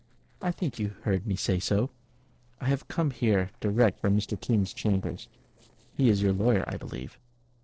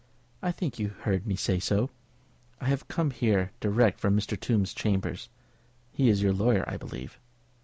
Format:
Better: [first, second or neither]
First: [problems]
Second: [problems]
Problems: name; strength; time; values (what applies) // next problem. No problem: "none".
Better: second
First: noise reduction (neural separator model SepFormer DNS4)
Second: none